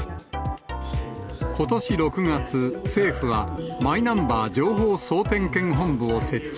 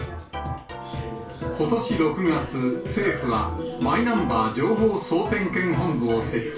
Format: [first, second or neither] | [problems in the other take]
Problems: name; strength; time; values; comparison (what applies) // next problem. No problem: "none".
first | room echo; dies away in 0.3 s